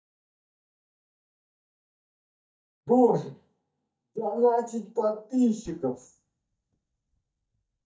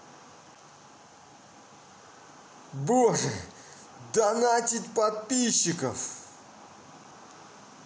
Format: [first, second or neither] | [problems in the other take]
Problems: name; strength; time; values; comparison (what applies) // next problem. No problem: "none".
second | noise reduction (neural mask model DeepFilterNet 3)